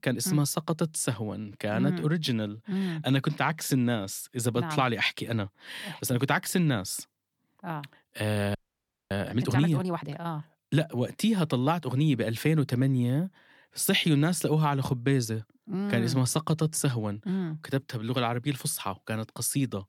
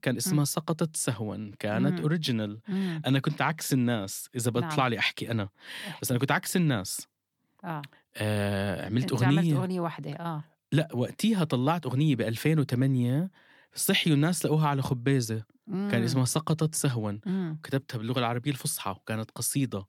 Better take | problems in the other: second | audio freezing; at 8.5 s for 0.5 s

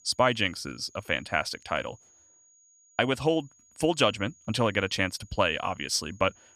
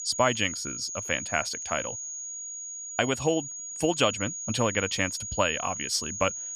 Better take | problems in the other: first | high-pitched whine; loud; throughout; 6.5 kHz, 6 dB below the speech; faint in the first

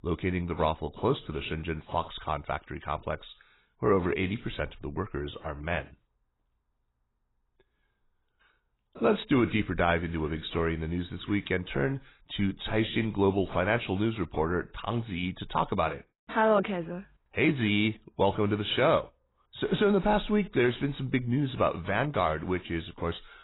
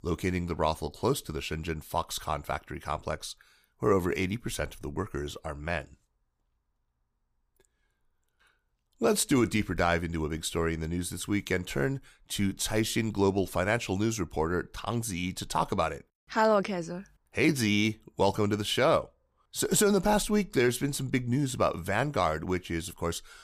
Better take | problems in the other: second | garbled, watery; badly; nothing above 4 kHz

